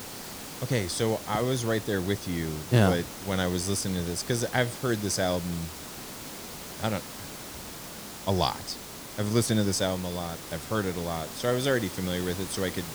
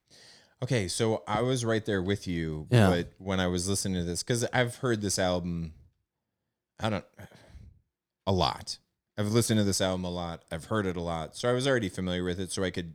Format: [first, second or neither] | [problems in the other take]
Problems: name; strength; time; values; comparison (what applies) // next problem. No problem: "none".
second | hiss; loud; throughout; 10 dB below the speech